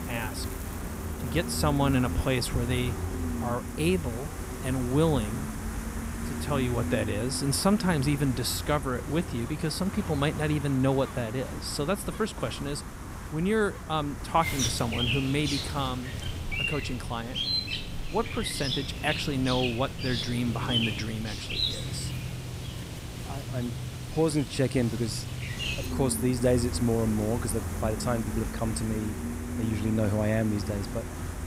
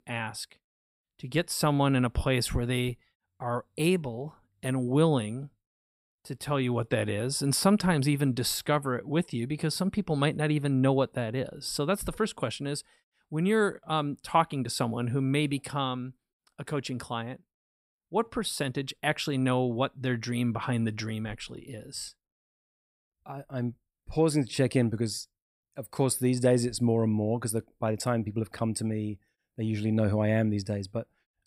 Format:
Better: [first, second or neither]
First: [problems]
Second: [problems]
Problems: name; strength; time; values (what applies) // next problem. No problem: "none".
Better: second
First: animal sounds; loud; throughout; 4 dB below the speech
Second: none